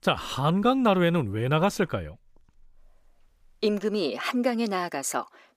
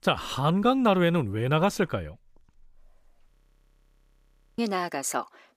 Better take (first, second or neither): first